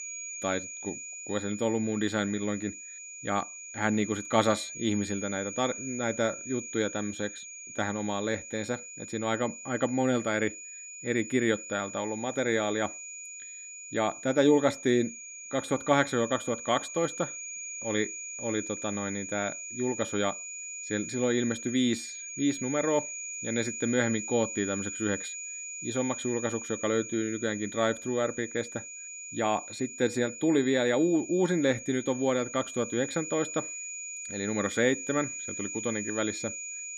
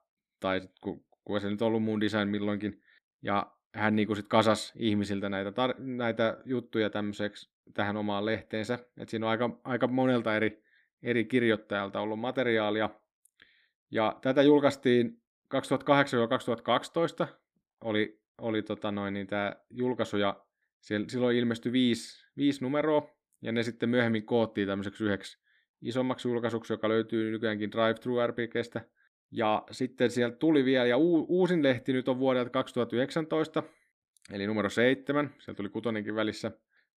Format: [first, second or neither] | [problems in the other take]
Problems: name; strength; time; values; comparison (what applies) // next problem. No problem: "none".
second | high-pitched whine; loud; throughout; 7 kHz, 8 dB below the speech